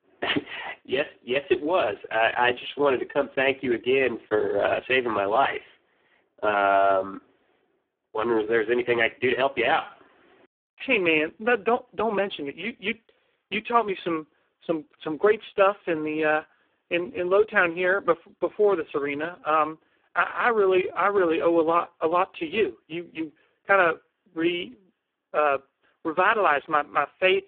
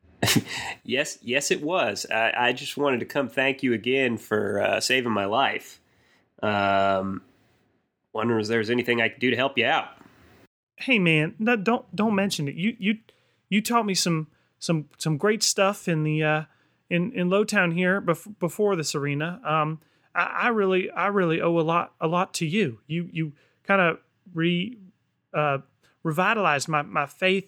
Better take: second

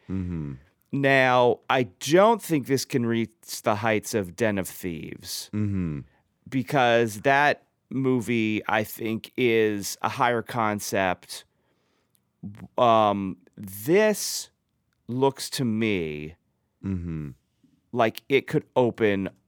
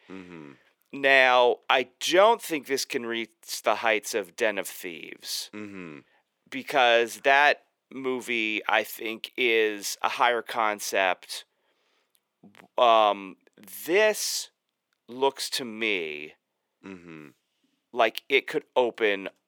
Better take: first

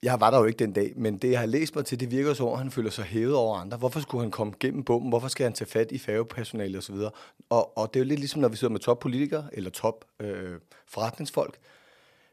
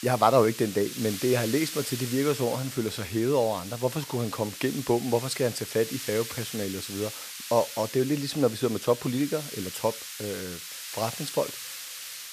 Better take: first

